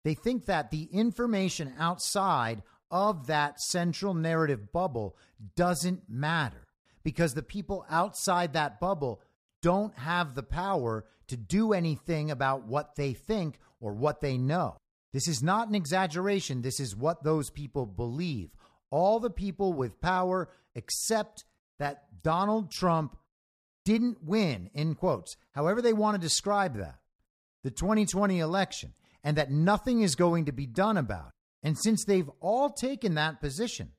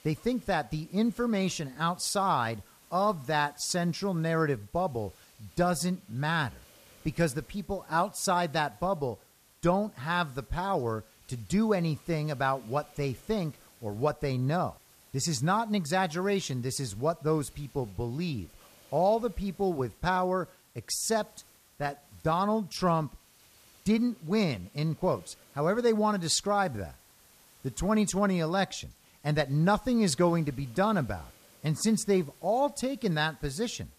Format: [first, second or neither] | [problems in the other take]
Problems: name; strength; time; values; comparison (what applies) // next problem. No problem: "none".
first | hiss; faint; throughout; 25 dB below the speech